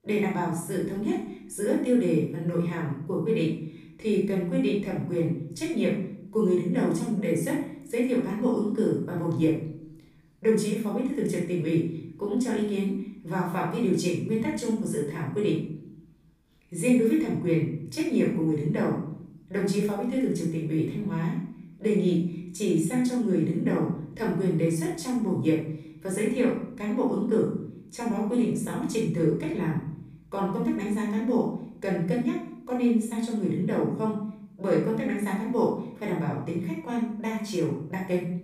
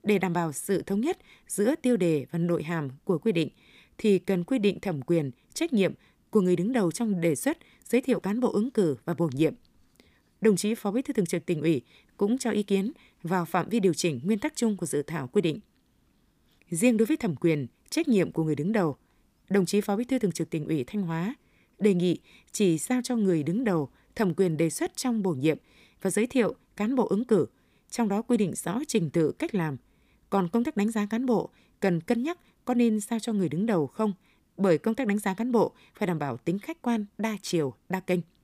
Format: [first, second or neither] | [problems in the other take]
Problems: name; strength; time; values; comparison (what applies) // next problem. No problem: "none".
second | off-mic speech; far // room echo; noticeable; dies away in 0.7 s